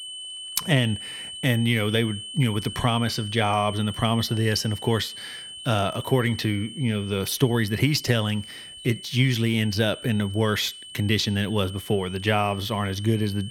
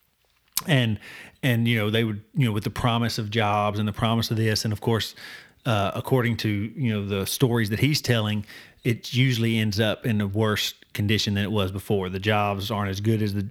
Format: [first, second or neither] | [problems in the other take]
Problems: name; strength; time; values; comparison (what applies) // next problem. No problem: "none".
second | high-pitched whine; noticeable; throughout; 3 kHz, 10 dB below the speech